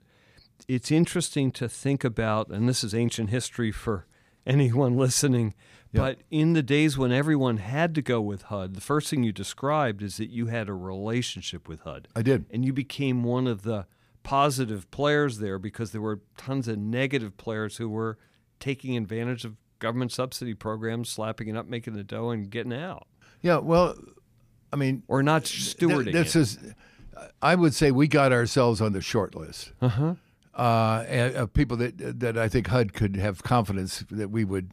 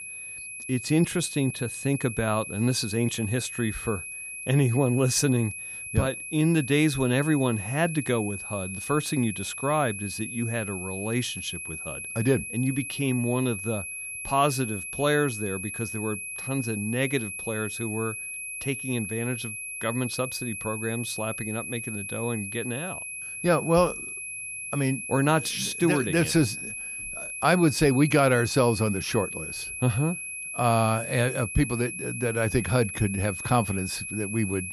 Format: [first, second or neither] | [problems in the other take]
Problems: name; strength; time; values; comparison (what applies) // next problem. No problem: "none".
first | high-pitched whine; loud; throughout; 2.5 kHz, 7 dB below the speech